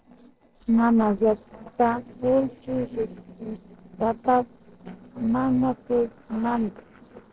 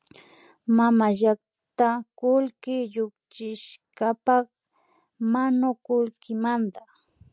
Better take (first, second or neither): second